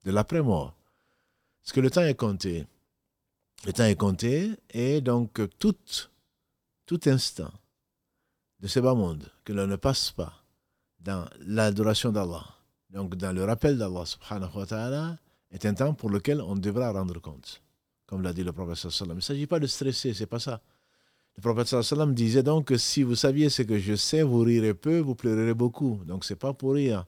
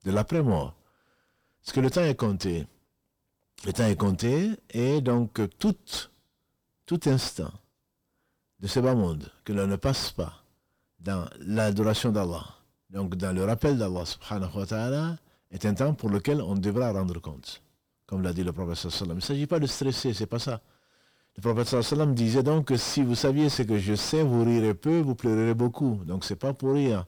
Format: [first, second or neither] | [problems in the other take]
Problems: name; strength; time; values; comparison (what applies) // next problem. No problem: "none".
first | distortion; slight; 10 dB below the speech